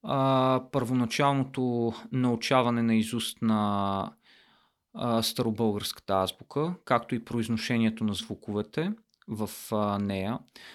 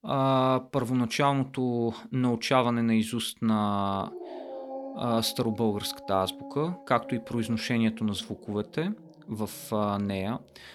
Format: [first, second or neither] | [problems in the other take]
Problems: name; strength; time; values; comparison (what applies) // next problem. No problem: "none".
first | dog barking; noticeable; from 4 s on; peak 10 dB below the speech